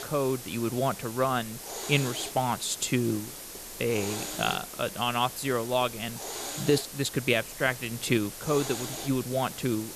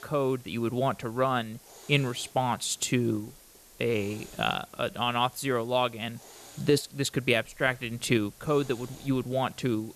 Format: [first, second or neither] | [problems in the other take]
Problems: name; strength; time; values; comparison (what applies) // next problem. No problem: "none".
second | hiss; loud; throughout; 8 dB below the speech; faint in the second